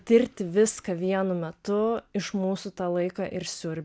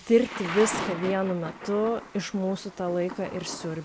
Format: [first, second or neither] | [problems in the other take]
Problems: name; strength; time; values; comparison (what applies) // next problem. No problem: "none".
first | background sound (Thunder / Rain); 10 dB below the speech